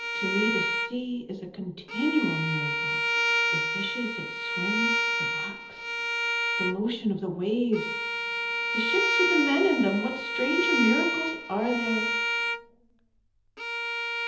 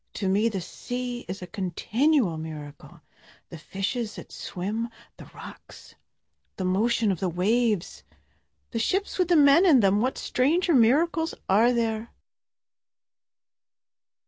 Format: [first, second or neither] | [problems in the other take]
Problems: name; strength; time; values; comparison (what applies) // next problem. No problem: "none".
second | background sound (Bowed string instrument); 1 dB above the speech // room echo; dies away in 1.2 s